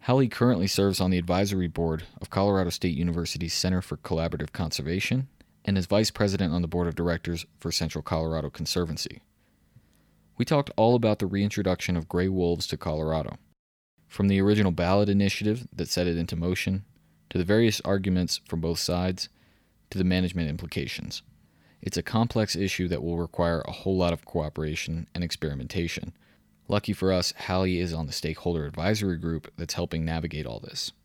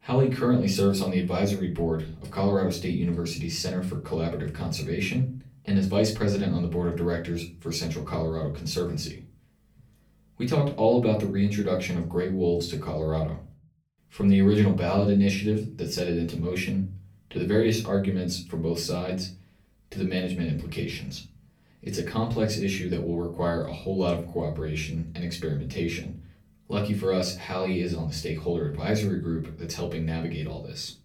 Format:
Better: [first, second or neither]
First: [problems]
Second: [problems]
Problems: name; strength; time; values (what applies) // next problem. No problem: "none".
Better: first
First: none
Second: off-mic speech; far // room echo; slight; dies away in 0.3 s